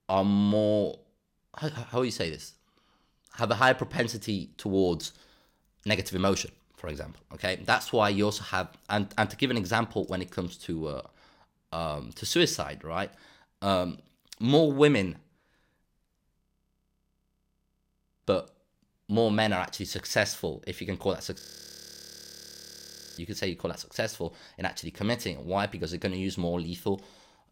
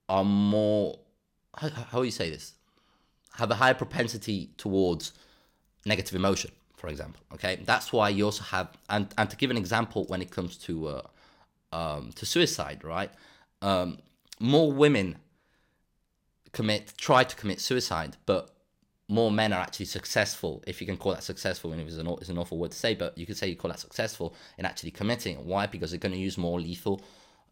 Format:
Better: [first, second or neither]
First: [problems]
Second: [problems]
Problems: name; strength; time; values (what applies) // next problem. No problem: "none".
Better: second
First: audio freezing; at 16 s for 2 s and at 21 s for 2 s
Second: none